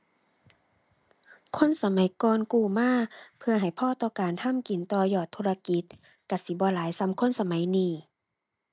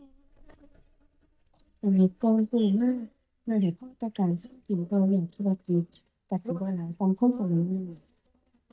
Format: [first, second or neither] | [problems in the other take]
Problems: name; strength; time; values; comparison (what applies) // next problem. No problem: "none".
first | noise reduction (neural mask model DeepFilterNet 3)